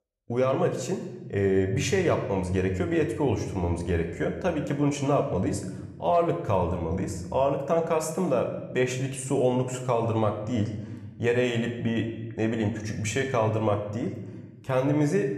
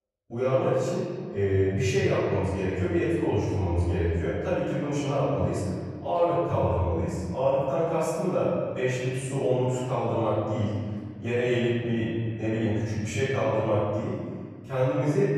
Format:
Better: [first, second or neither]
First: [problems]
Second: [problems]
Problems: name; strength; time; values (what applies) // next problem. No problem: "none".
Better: first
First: room echo; slight; dies away in 0.9 s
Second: room echo; strong; dies away in 1.6 s // off-mic speech; far